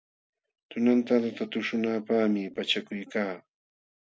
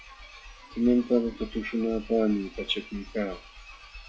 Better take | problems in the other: first | noise reduction (classical method log-MMSE)

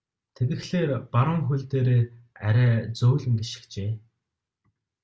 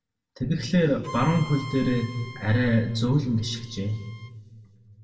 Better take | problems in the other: first | background sound (Bowed string instrument); 18 dB below the speech // room echo; dies away in 1.4 s

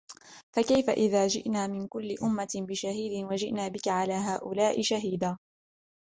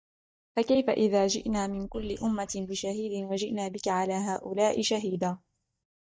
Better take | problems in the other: first | noise reduction (neural mask model DeepFilterNet 3)

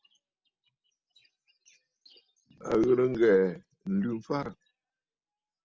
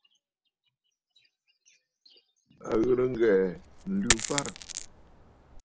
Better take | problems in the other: first | background sound (Coin (dropping)); 3 dB below the speech

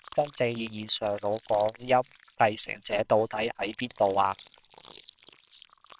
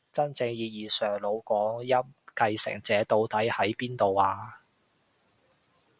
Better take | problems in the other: second | noise reduction (neural separator model SepFormer WHAMR!)

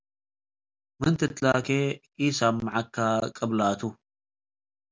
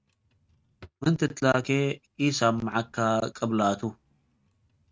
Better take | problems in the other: first | noise reduction (neural mask model RNNoise)

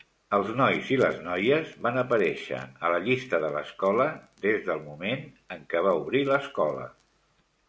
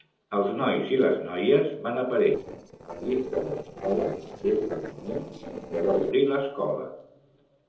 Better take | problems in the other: first | noise reduction (neural separator model SepFormer DNS4)

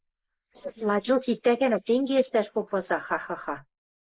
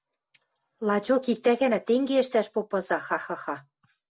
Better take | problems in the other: second | noise reduction (neural mask model Resemble Enhance denoiser)

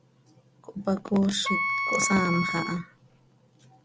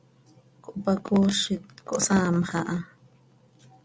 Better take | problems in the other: second | background sound (Wind instrument, woodwind instrument); 2 dB below the speech

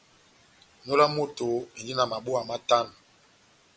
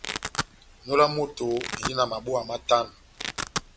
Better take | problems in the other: first | background sound (Domestic sounds, home sounds); 8 dB below the speech

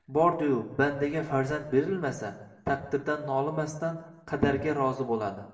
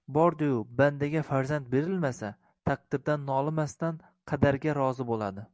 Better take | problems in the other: second | room echo; dies away in 0.7 s

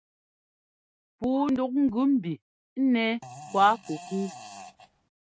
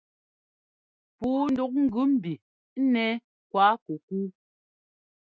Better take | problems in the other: second | background sound (Fart); 16 dB below the speech

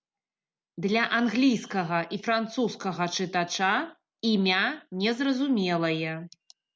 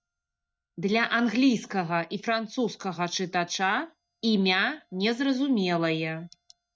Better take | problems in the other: first | noise reduction (neural mask model DeepFilterNet 3)

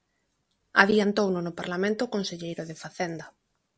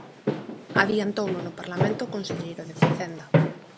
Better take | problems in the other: first | background sound (Walk, footsteps); 3 dB above the speech

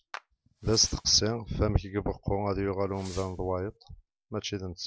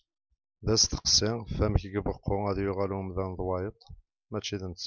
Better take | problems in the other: second | background sound (Clapping + Fireworks); 19 dB below the speech

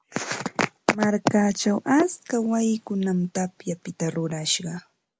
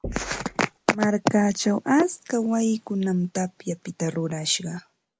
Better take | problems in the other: first | background sound (Knock); 18 dB below the speech

